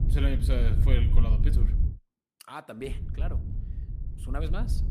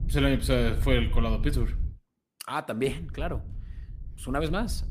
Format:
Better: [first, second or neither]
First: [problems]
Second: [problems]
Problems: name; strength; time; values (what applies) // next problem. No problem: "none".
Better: second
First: wind noise on the microphone; heavy; until 2 s and from 3 s on; 6 dB below the speech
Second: wind noise on the microphone; occasional gusts; until 2 s and from 3 s on; 20 dB below the speech